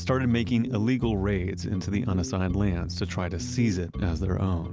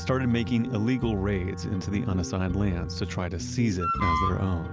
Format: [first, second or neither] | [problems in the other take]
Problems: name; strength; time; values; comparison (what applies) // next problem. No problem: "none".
first | background sound (Wind instrument, woodwind instrument); 9 dB below the speech